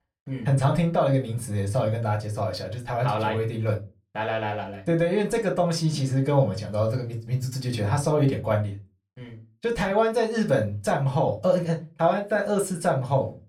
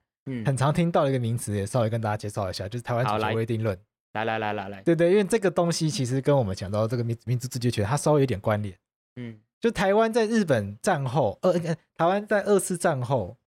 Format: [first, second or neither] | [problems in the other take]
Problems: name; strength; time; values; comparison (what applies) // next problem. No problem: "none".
second | off-mic speech; far // room echo; very slight; dies away in 0.2 s